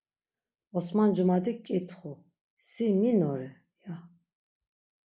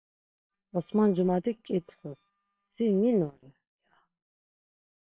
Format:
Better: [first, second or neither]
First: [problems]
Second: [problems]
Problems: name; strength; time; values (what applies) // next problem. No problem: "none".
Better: first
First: none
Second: noise reduction (neural separator model SepFormer WHAM!)